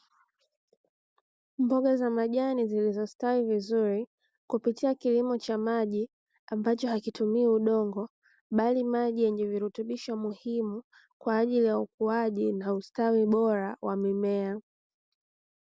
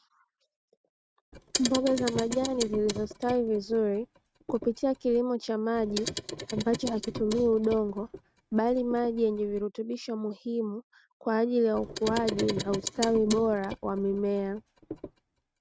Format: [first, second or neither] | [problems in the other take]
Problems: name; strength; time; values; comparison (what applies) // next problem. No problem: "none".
first | noise reduction (neural mask model RNNoise)